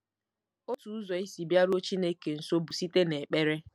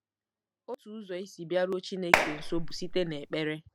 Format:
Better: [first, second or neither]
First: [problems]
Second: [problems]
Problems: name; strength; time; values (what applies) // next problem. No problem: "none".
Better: first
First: none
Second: background sound (Clapping); 5 dB above the speech